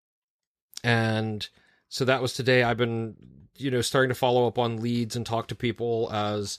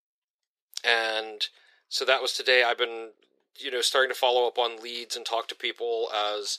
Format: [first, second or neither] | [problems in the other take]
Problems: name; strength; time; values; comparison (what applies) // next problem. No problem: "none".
first | thin; very; fading below 400 Hz